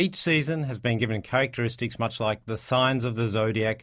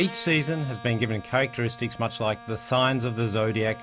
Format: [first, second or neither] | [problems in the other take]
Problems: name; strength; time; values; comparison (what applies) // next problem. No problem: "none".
first | background sound (Bowed string instrument); 17 dB below the speech